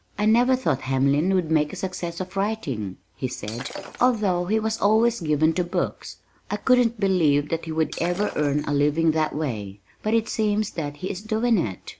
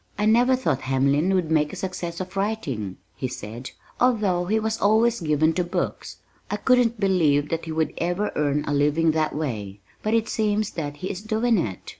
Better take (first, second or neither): second